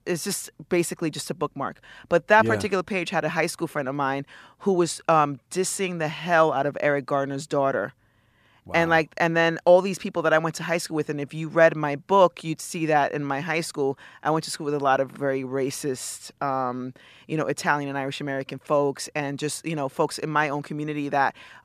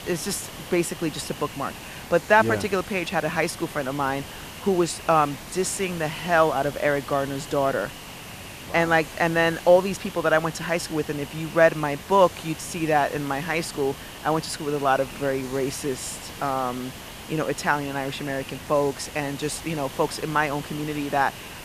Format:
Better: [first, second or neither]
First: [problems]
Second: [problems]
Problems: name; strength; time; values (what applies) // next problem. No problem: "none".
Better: first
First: none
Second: hiss; noticeable; throughout; 15 dB below the speech